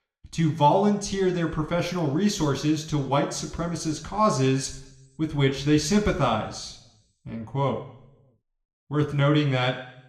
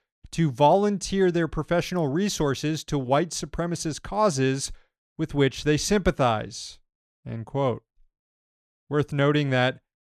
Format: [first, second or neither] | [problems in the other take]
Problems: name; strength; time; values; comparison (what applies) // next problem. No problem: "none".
second | room echo; slight; dies away in 0.7 s